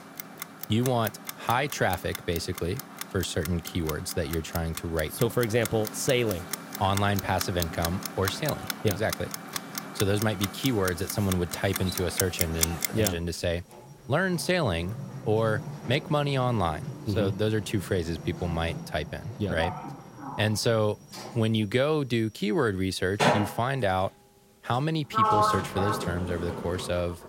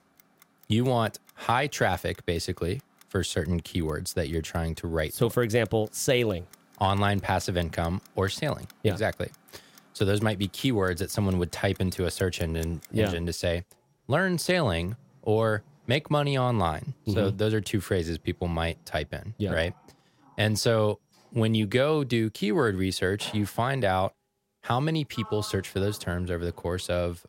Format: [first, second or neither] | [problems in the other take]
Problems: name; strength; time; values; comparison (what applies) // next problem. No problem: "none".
second | household noises; loud; throughout; 5 dB below the speech; faint in the second